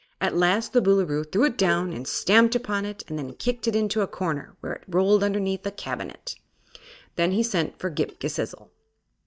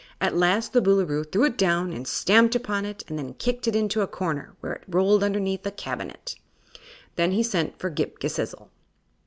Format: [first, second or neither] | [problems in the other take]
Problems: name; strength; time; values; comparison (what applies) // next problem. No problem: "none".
second | noise reduction (neural mask model DeepFilterNet 3)